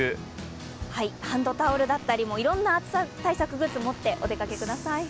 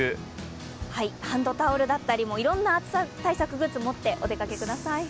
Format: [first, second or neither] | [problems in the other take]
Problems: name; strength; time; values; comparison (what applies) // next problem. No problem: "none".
second | background sound (Fart); 19 dB below the speech